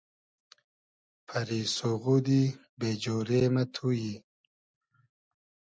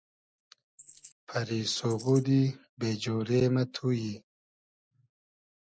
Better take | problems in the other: first | noise reduction (neural mask model Resemble Enhance denoiser)

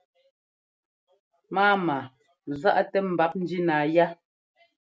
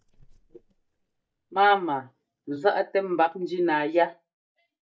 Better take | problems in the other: first | noise reduction (neural mask model DeepFilterNet 3)

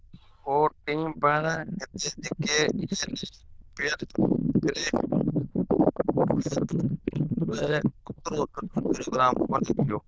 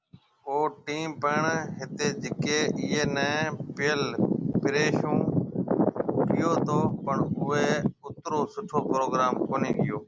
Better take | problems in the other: second | noise reduction (neural diffusion model UNIVERSE++)

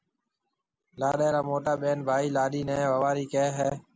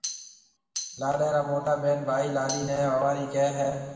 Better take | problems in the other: first | background sound (Tambourine); 11 dB below the speech // room echo; dies away in 2.2 s

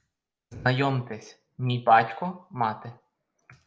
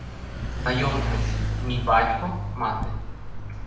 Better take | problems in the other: first | background sound (Mechanisms / Bicycle); 1 dB below the speech // room echo; dies away in 0.7 s

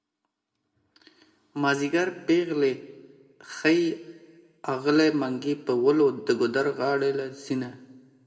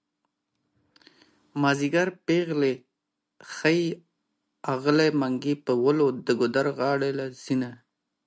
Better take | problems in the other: second | room echo; dies away in 1.1 s

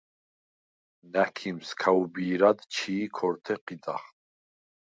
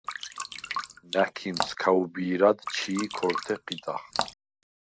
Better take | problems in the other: first | background sound (Drip); 7 dB below the speech

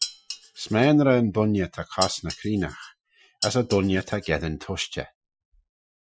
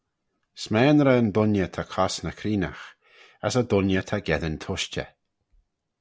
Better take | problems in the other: second | noise reduction (classical method Wiener filter)

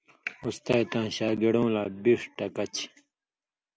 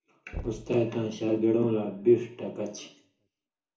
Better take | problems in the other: first | background sound (Knock / Wood); 17 dB below the speech // room echo; dies away in 0.6 s

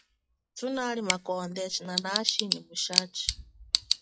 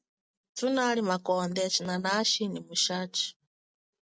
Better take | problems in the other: second | noise reduction (classical method log-MMSE)

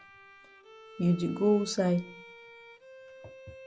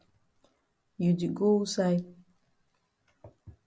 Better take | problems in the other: second | background sound (Bowed string instrument); 18 dB below the speech

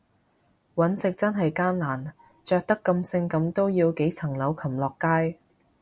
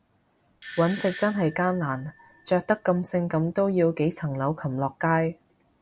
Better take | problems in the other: first | background sound (Doorbell); 17 dB below the speech

